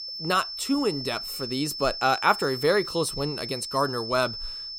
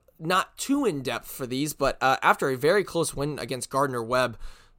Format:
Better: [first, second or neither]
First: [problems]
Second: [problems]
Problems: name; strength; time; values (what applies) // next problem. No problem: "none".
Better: second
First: high-pitched whine; loud; throughout; 5.5 kHz, 7 dB below the speech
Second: none